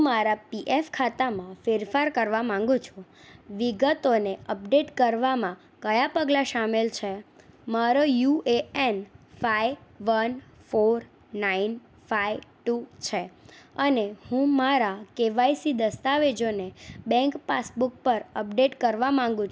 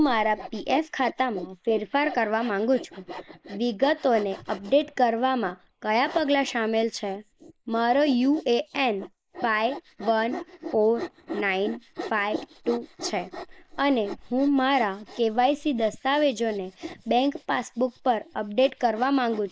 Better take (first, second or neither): first